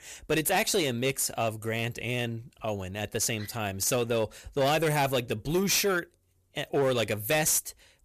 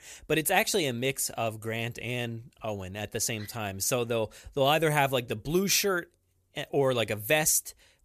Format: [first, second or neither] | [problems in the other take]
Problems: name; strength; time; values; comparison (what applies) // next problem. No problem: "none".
second | distortion; slight; 7% of the sound clipped